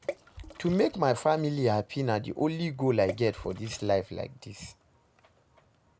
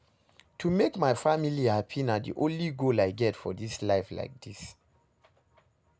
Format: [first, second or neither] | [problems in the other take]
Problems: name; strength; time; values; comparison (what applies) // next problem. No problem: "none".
second | background sound (Water / Splash, splatter); 16 dB below the speech